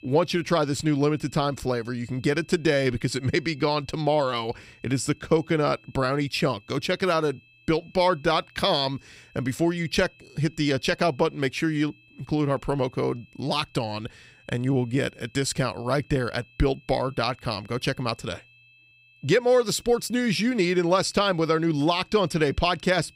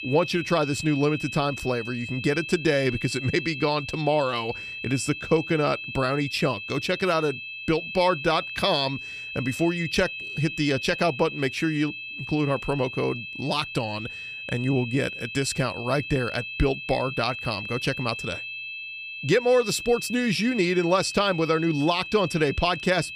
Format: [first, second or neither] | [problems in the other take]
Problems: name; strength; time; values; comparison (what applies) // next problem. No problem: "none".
first | high-pitched whine; loud; throughout; 2.5 kHz, 8 dB below the speech; faint in the first